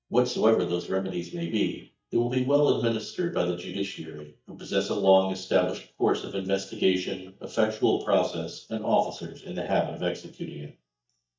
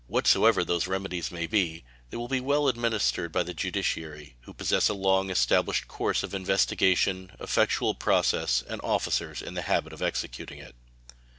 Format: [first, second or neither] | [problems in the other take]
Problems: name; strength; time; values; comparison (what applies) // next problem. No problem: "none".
second | noise reduction (neural mask model DeepFilterNet 3)